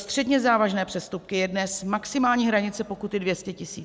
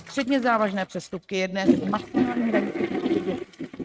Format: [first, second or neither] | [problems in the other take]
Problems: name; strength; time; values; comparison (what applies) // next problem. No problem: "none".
first | noise reduction (neural mask model RNNoise)